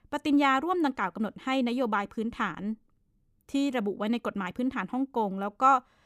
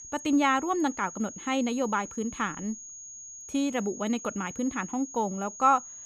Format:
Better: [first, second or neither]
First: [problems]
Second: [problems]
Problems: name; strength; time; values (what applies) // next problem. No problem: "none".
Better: first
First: none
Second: high-pitched whine; noticeable; throughout; 6.5 kHz, 10 dB below the speech